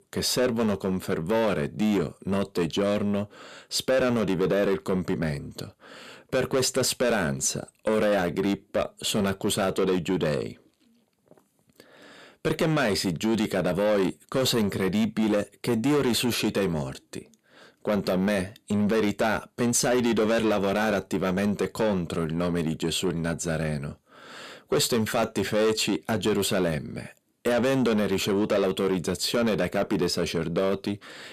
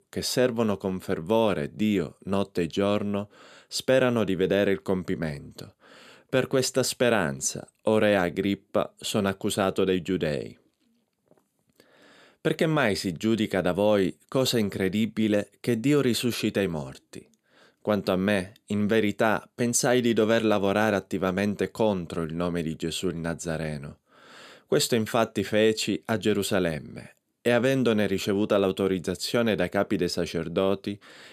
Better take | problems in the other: second | distortion; heavy; 8 dB below the speech

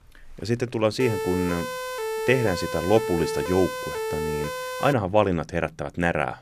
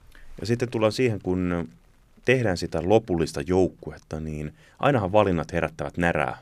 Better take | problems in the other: second | siren; noticeable; from 1 to 5 s; peak 3 dB below the speech

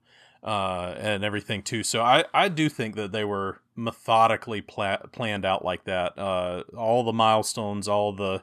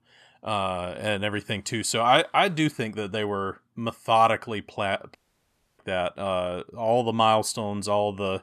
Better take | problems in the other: first | audio cutting out; at 5 s for 0.5 s

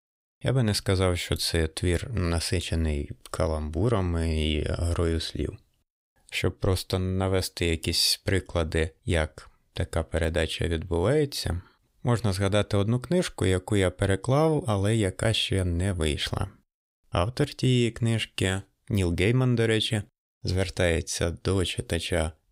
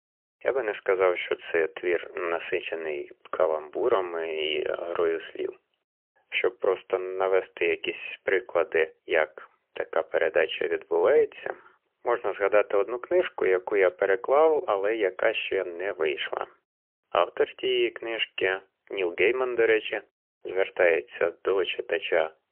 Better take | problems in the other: first | phone-call audio; poor line; nothing above 3 kHz

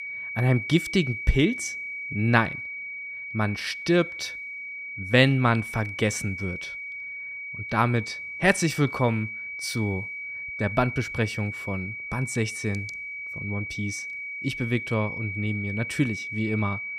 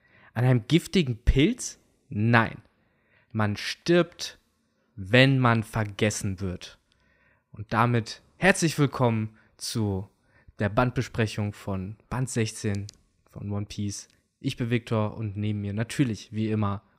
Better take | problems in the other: second | high-pitched whine; loud; throughout; 2.5 kHz, 6 dB below the speech

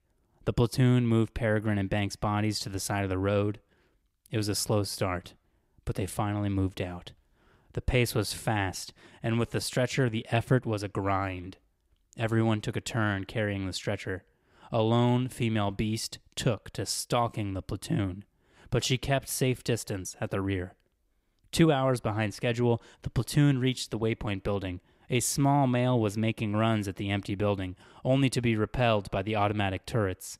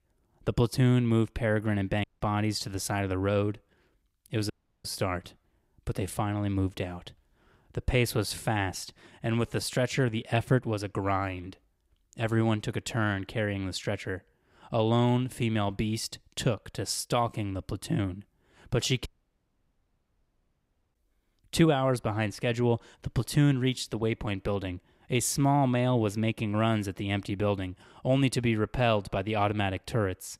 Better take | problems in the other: first | audio cutting out; at 2 s, at 4.5 s and at 19 s for 2 s

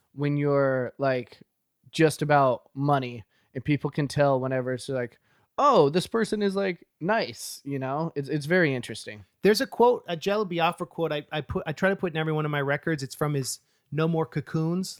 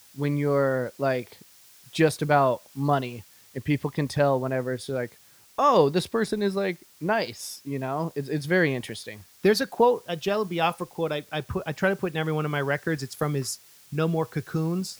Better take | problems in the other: first | hiss; faint; throughout; 25 dB below the speech

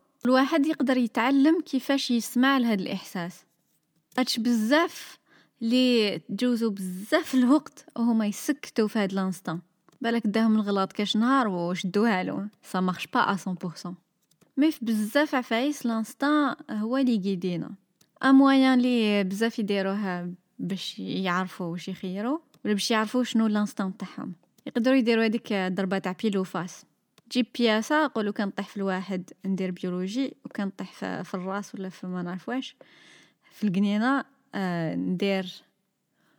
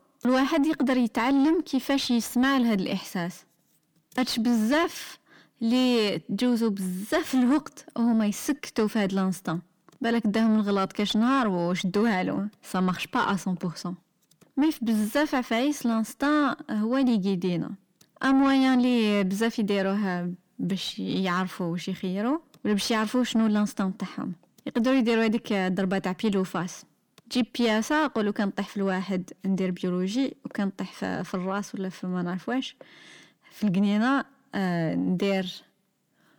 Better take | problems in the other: first | distortion; slight; 10 dB below the speech

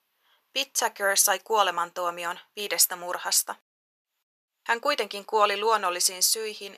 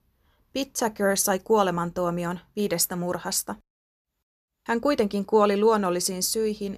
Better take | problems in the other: second | thin; very; fading below 800 Hz

